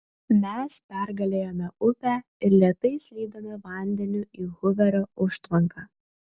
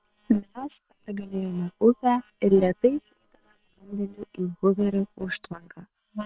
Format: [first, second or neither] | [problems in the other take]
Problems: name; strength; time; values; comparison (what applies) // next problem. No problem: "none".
first | noise reduction (neural separator model SepFormer WHAM!)